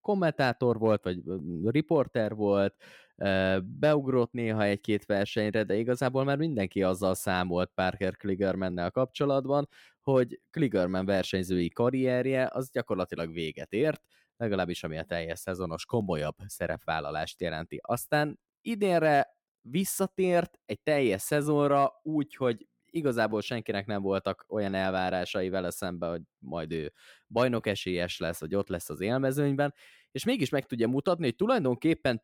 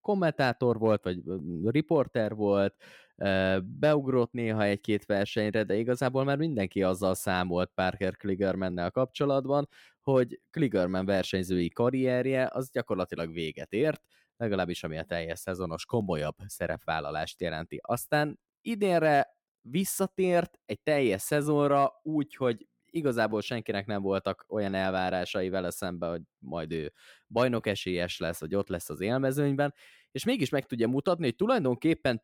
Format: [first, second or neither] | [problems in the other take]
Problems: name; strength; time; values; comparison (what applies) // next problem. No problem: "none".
neither | none